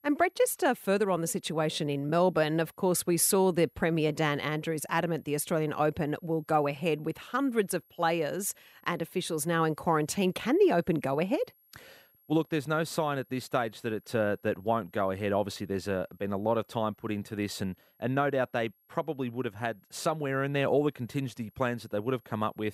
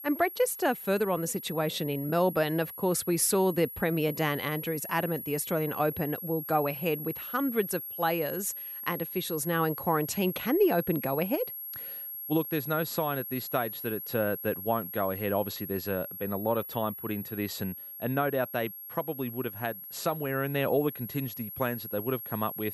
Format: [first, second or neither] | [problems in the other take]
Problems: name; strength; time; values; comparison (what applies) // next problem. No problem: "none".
first | high-pitched whine; loud; throughout; 11.5 kHz, 8 dB below the speech; faint in the first